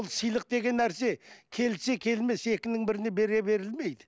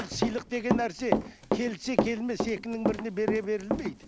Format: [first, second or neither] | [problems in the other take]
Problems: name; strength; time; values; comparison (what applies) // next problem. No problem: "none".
first | background sound (Run); 1 dB above the speech